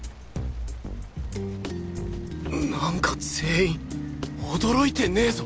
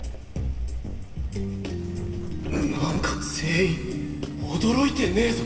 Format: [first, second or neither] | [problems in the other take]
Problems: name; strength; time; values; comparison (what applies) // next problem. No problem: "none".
first | background sound (Zipper (clothing)); 12 dB below the speech // room echo; dies away in 2.1 s